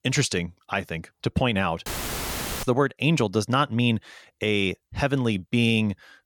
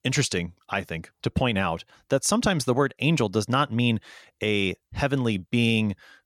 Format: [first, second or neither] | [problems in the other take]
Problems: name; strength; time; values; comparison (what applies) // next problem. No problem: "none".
second | audio cutting out; filled with static; at 2 s for 1 s